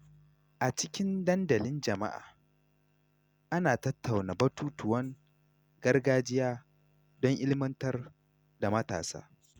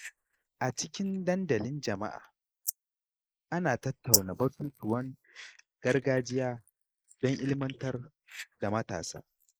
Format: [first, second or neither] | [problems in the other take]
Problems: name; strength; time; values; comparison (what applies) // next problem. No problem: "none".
first | noise reduction (neural mask model Resemble Enhance denoiser)